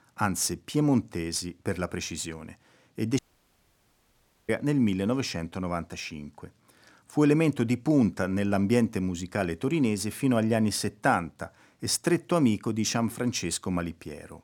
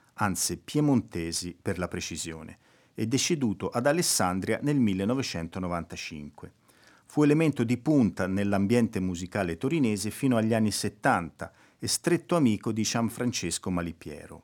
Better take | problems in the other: second | audio cutting out; at 3 s for 1.5 s

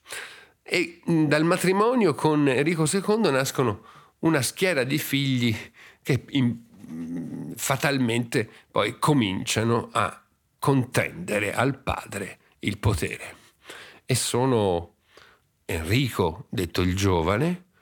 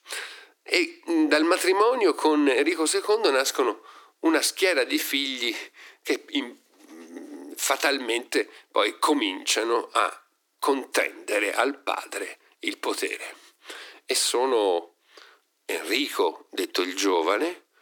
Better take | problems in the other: first | thin; somewhat; fading below 300 Hz

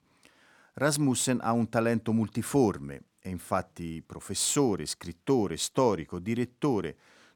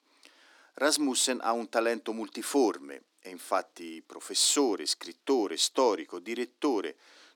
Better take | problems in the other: first | thin; very slightly; fading below 300 Hz

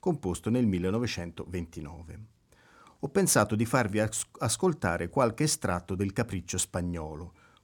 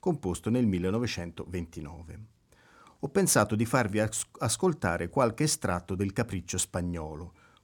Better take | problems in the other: neither | none

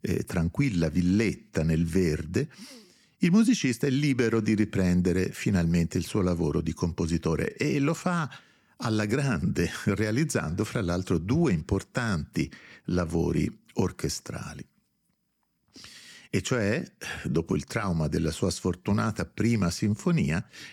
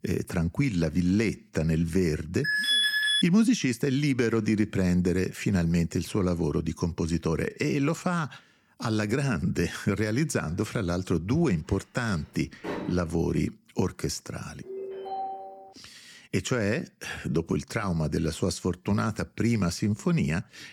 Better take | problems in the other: first | alarm; loud; at 2.5 s; peak 6 dB above the speech // door banging; noticeable; at 12 s; peak 8 dB below the speech // phone ringing; noticeable; from 15 to 16 s; peak 7 dB below the speech

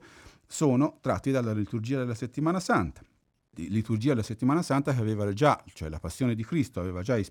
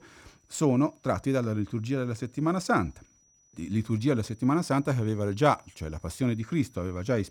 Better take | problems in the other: first | high-pitched whine; faint; throughout; 6 kHz, 35 dB below the speech

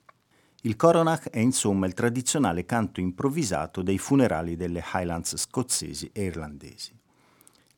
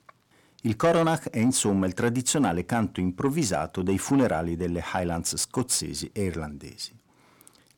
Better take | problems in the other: first | distortion; slight; 10 dB below the speech

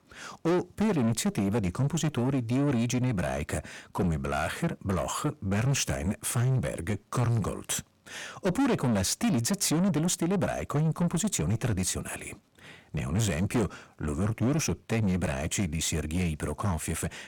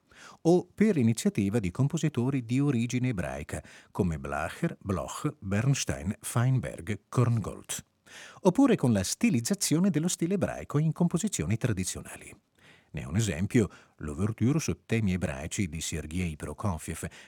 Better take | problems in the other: second | distortion; heavy; 7 dB below the speech

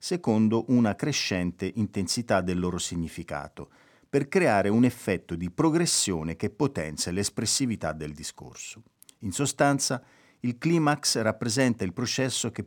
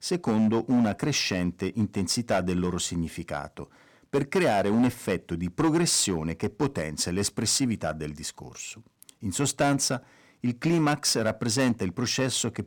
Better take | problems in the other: first | distortion; slight; 5% of the sound clipped

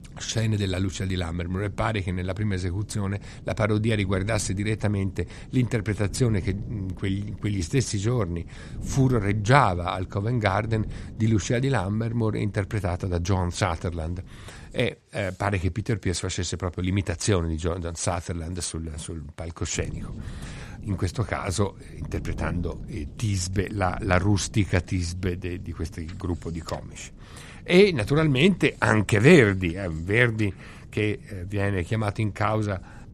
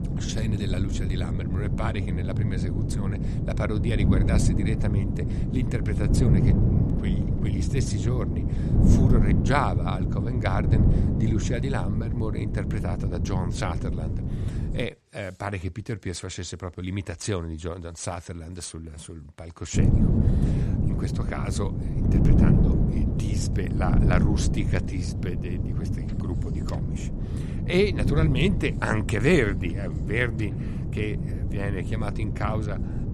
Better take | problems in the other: first | wind noise on the microphone; heavy; until 15 s and from 20 s on; 3 dB below the speech; occasional gusts in the first

